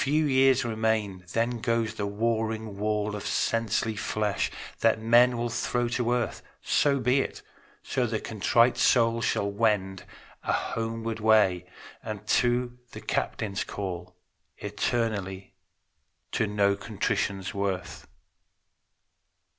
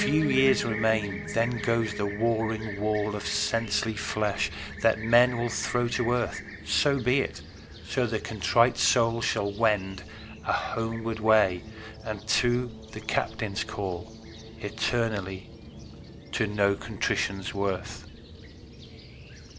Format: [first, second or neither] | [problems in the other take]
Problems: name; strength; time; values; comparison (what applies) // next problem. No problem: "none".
first | background sound (Fixed-wing aircraft, airplane + Piano); 11 dB below the speech